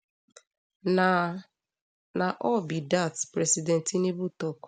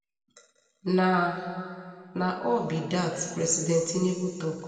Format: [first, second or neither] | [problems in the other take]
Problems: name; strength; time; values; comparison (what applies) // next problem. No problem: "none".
first | room echo; dies away in 2.2 s